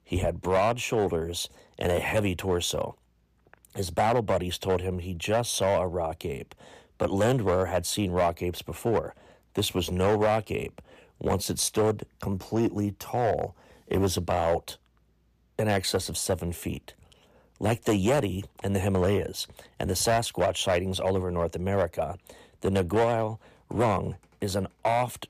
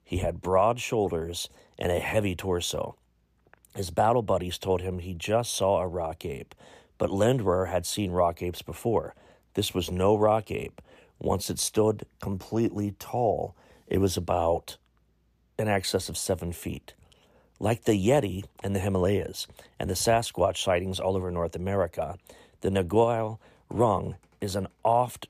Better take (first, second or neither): second